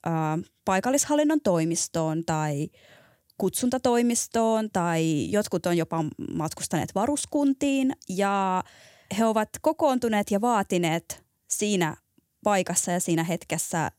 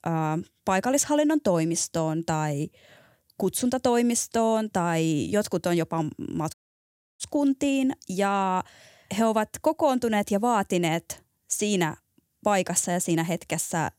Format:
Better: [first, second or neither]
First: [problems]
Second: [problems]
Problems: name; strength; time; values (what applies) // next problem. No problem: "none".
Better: first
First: none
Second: audio cutting out; at 6.5 s for 0.5 s